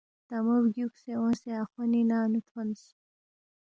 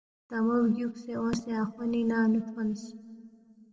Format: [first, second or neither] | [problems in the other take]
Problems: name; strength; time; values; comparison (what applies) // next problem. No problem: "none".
first | room echo; dies away in 1.3 s